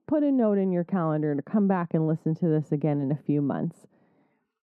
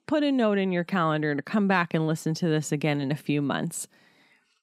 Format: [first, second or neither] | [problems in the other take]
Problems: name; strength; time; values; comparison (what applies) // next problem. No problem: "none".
second | muffled; very; fading above 1.5 kHz